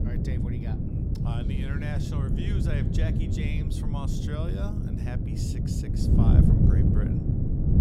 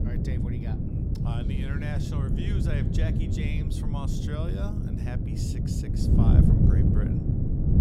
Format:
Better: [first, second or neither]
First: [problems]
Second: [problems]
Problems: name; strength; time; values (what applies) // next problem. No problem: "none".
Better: neither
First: wind noise on the microphone; heavy; 4 dB above the speech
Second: wind noise on the microphone; heavy; 4 dB above the speech